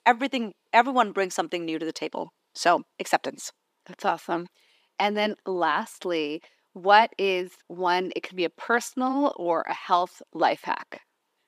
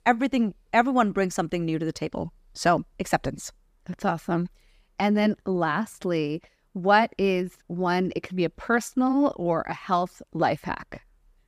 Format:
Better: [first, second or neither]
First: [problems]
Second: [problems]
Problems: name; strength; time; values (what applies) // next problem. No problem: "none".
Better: second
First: thin; somewhat; fading below 300 Hz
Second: none